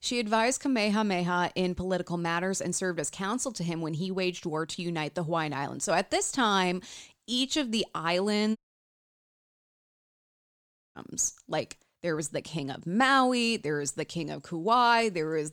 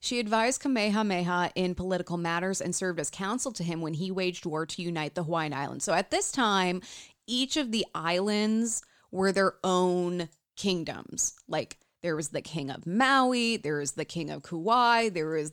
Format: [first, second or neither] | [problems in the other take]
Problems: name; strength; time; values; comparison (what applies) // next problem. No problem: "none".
second | audio cutting out; at 8.5 s for 2.5 s